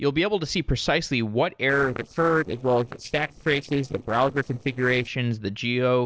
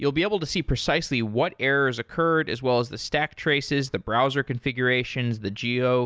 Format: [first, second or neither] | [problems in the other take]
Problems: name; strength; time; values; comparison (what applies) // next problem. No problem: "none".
second | noise reduction (neural separator model SepFormer DNS4)